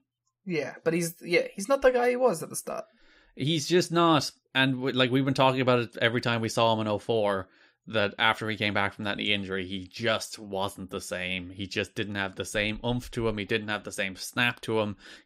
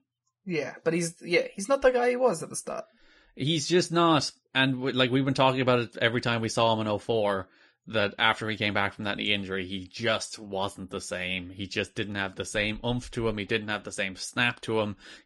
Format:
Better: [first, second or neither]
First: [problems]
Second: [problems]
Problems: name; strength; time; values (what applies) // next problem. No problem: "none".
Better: first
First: none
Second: garbled, watery; slightly; nothing above 10.5 kHz